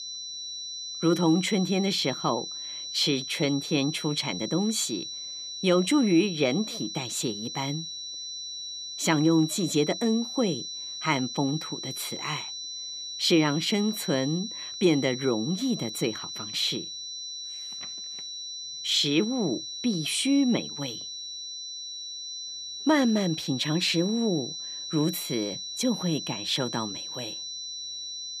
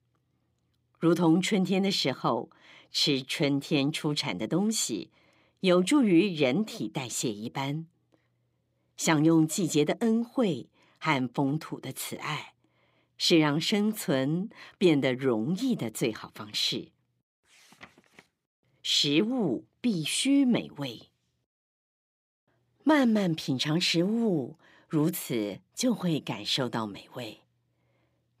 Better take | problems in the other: second | high-pitched whine; loud; throughout; 4 kHz, 7 dB below the speech

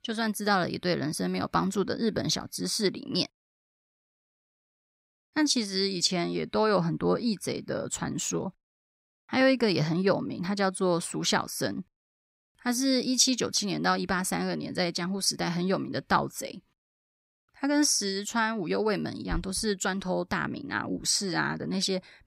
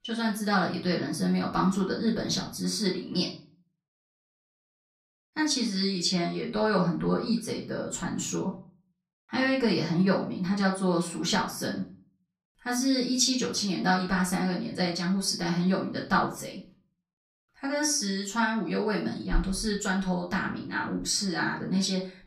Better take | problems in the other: first | off-mic speech; far // room echo; slight; dies away in 0.4 s

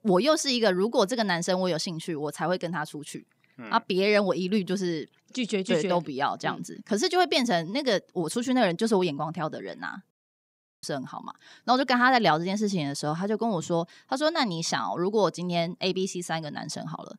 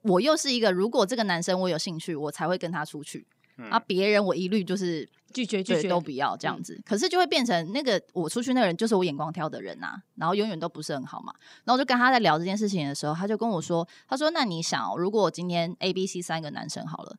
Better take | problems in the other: second | audio cutting out; at 10 s for 0.5 s

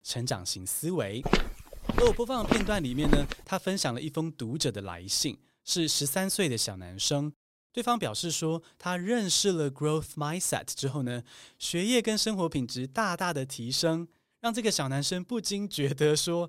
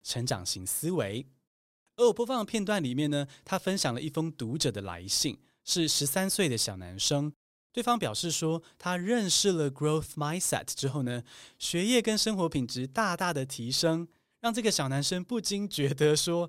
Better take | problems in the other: second | footsteps; loud; from 1.5 to 3.5 s; peak level with the speech

